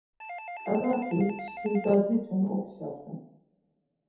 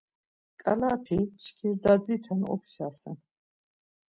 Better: second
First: background sound (Doorbell); 12 dB below the speech // room echo; dies away in 0.8 s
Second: none

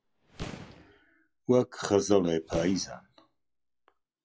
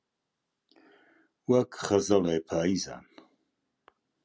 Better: second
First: noise reduction (classical method log-MMSE)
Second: none

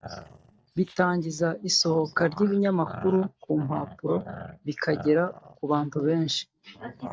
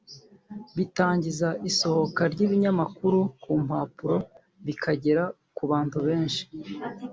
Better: second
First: noise reduction (neural mask model DeepFilterNet 3)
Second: none

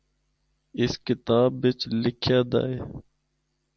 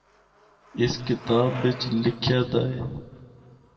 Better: first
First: none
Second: background sound (Bicycle); 18 dB below the speech // room echo; dies away in 1.2 s

